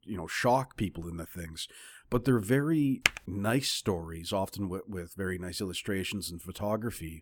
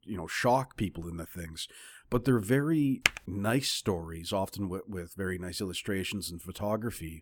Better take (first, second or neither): neither